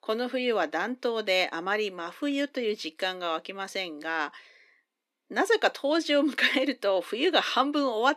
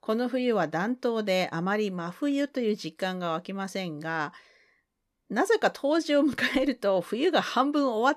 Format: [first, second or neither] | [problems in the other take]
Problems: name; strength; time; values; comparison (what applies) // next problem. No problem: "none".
second | thin; very slightly; fading below 250 Hz